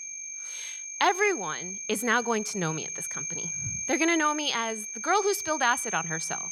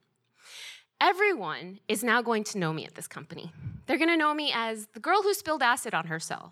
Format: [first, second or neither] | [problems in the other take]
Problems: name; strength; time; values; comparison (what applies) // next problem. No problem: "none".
second | high-pitched whine; loud; throughout; 6.5 kHz, 5 dB below the speech